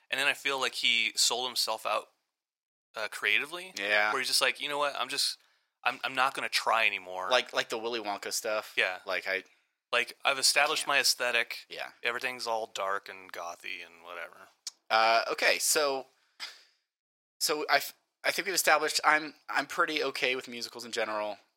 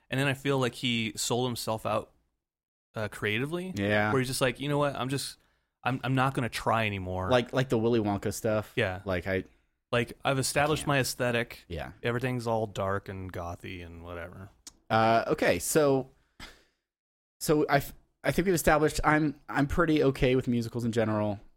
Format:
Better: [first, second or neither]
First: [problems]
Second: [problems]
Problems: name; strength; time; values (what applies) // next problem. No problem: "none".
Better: second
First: thin; very; fading below 750 Hz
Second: none